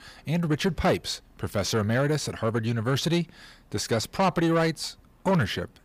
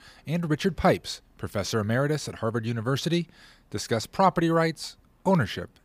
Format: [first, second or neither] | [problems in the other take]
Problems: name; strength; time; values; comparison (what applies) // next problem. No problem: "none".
second | distortion; slight; 10 dB below the speech